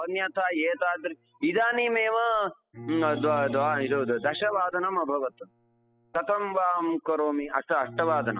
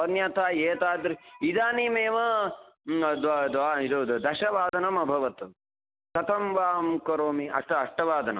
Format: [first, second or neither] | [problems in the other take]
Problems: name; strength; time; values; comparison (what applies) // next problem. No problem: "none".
second | noise reduction (classical method spectral subtraction)